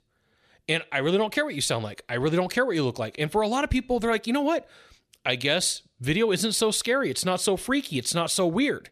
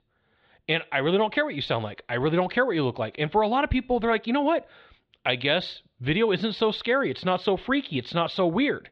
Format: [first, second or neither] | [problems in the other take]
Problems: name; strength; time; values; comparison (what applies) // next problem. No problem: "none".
first | muffled; slightly; fading above 3.5 kHz